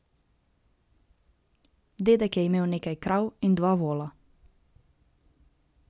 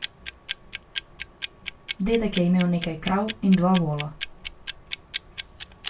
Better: first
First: none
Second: background sound (Clock); 11 dB below the speech // room echo; dies away in 0.2 s

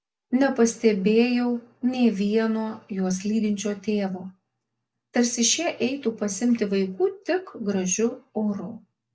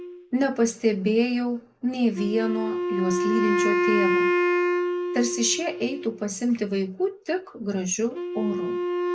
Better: first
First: none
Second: background sound (Wind instrument, woodwind instrument); 1 dB below the speech

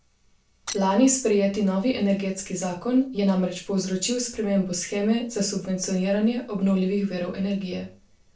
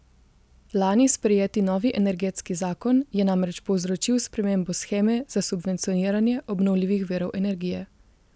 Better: second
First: noise reduction (neural separator model SepFormer DNS4)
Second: none

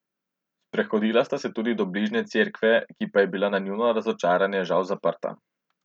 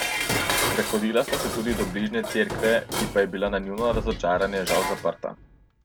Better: first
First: none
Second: background sound (Dishes, pots, and pans); 4 dB below the speech

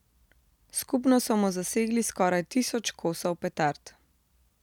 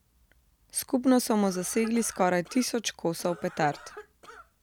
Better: first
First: none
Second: background sound (Cough); 19 dB below the speech

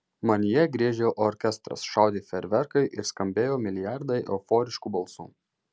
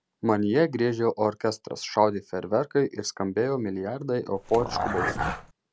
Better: first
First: none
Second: background sound (Dog); 3 dB below the speech

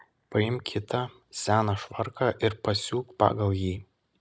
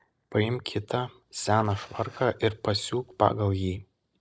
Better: first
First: none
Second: noise reduction (neural separator model SepFormer DNS4)

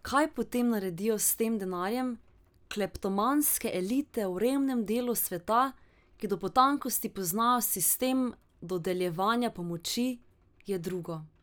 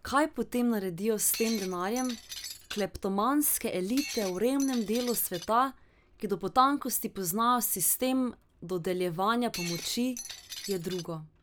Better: first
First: none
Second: background sound (Shatter); 11 dB below the speech

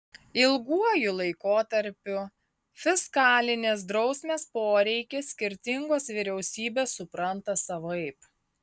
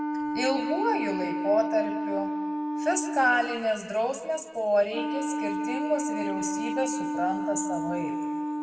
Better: first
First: none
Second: background sound (Wind instrument, woodwind instrument); 2 dB below the speech // room echo; dies away in 1.7 s

